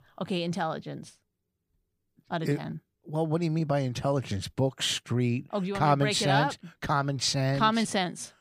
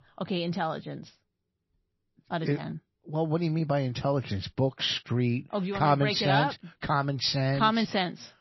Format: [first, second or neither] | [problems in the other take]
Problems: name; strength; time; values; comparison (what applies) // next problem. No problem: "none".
first | garbled, watery; slightly; nothing above 5.5 kHz